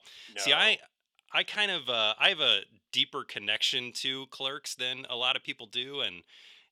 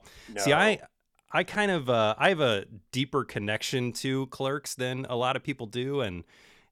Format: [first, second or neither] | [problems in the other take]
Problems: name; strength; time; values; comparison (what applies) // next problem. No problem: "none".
second | thin; somewhat; fading below 450 Hz